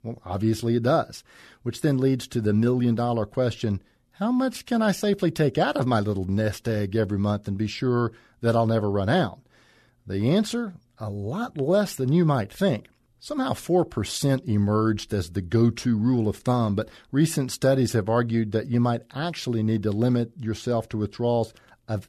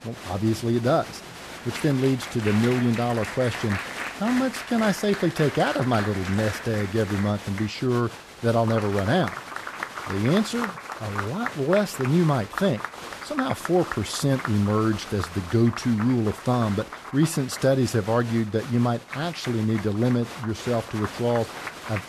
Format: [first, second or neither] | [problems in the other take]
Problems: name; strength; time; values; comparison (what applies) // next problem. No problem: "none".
first | crowd noise; loud; throughout; 10 dB below the speech